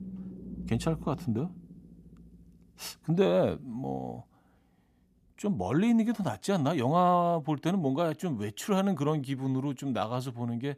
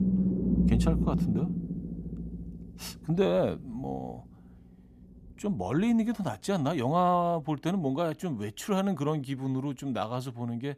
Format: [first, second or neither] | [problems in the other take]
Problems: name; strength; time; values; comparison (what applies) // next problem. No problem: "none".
first | low rumble; loud; throughout; 6 dB below the speech; faint in the first